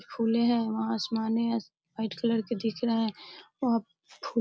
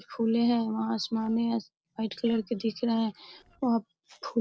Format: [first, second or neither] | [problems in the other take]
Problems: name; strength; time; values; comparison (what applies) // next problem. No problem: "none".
first | noise reduction (neural separator model SepFormer DNS4)